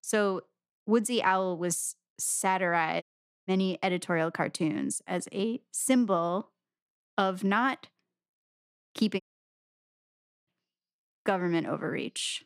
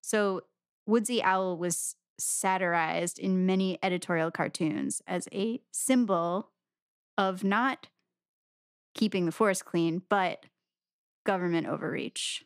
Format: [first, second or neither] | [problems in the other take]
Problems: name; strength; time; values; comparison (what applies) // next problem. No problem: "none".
second | audio cutting out; at 3 s and at 9 s for 1.5 s